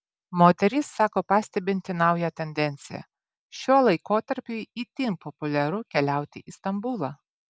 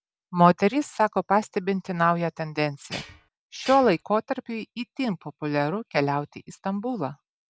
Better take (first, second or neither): first